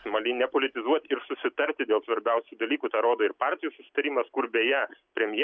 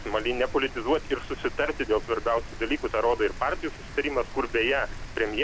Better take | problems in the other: first | background sound (Rain); 10 dB below the speech

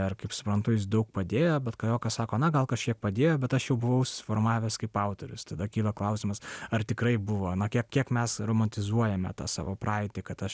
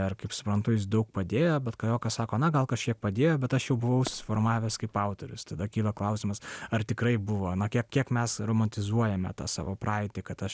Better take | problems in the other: first | background sound (Fireworks); 17 dB below the speech

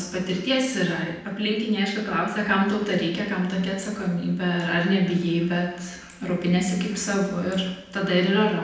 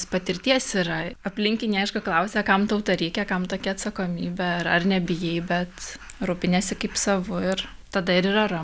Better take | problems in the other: second | room echo; dies away in 0.9 s

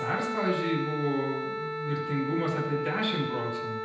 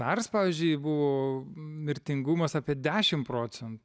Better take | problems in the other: second | background sound (Wind instrument, woodwind instrument); 3 dB below the speech // room echo; dies away in 0.9 s

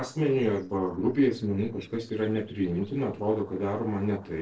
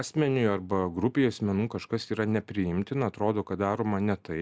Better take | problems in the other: second | noise reduction (neural separator model SepFormer DNS4)

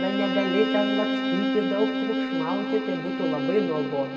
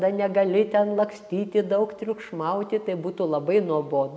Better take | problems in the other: second | background sound (Bowed string instrument); 1 dB above the speech // room echo; dies away in 1.8 s

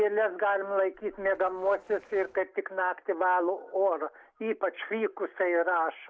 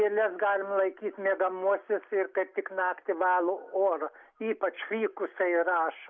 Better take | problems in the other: second | noise reduction (neural separator model SepFormer DNS4)

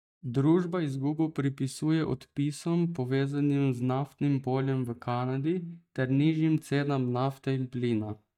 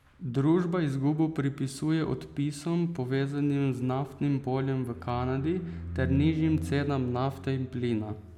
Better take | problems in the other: second | noise reduction (neural mask model DeepFilterNet 3)

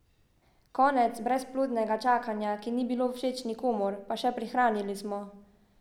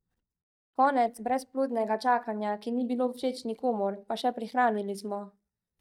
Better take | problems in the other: first | noise reduction (neural mask model DeepFilterNet 3)

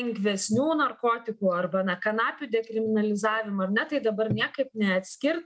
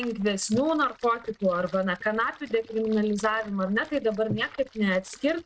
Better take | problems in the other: first | noise reduction (neural mask model RNNoise)

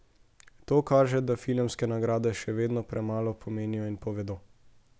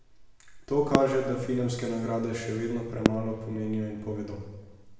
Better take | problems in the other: first | background sound (Fireworks); 5 dB below the speech // room echo; dies away in 1.1 s

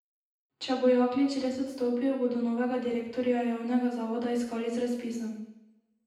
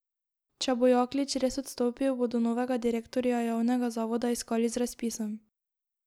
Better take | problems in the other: second | room echo; dies away in 0.9 s

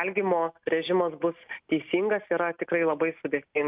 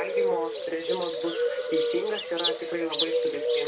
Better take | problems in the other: first | background sound (Bird); 5 dB above the speech // room echo; dies away in 0.2 s

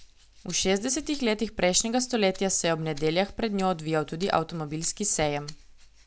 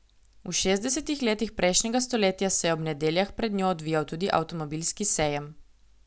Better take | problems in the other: second | background sound (Rattle (instrument)); 18 dB below the speech

